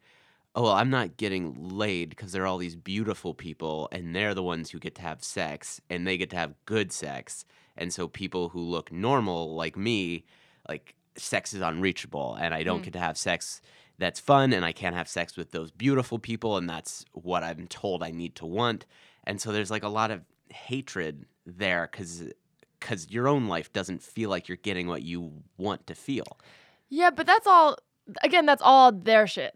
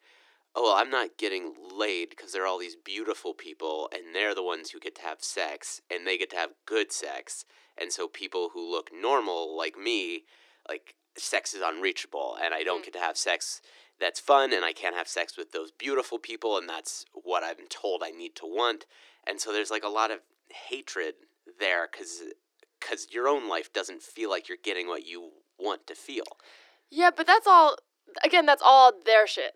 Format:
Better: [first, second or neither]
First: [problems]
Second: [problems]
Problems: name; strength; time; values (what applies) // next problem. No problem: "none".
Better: first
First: none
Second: thin; very; fading below 300 Hz